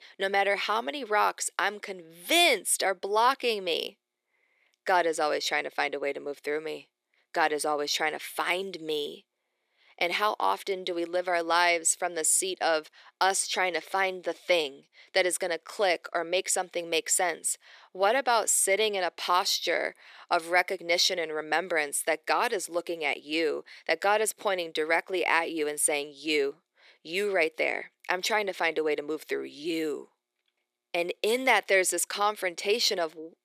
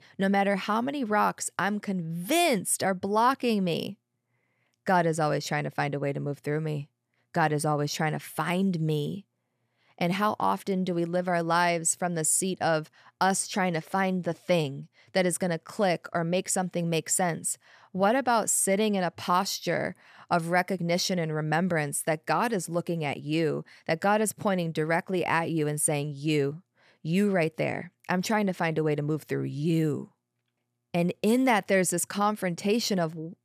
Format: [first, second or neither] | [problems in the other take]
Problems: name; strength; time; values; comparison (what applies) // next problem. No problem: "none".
second | thin; very; fading below 350 Hz